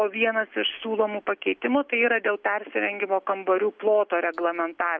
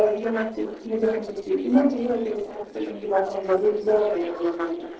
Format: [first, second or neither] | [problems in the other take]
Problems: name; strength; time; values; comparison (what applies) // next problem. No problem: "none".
first | noise reduction (neural separator model SepFormer DNS4)